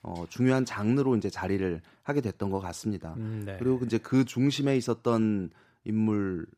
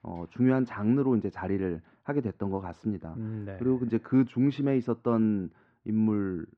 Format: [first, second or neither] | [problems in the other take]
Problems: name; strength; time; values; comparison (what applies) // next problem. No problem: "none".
first | muffled; very; fading above 2 kHz